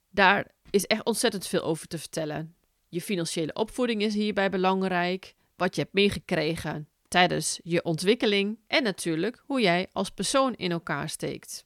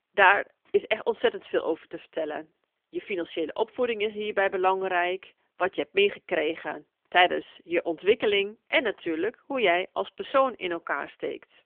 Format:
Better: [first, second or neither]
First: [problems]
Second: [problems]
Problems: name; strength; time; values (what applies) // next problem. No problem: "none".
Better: first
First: none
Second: phone-call audio; nothing above 3 kHz